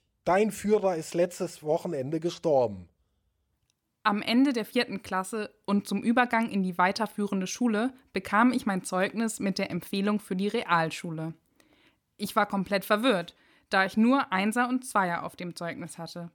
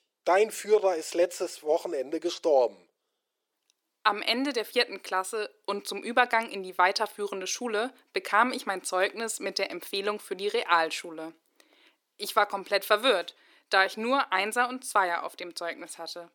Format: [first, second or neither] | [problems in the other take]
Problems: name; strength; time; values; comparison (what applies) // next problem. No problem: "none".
first | thin; somewhat; fading below 350 Hz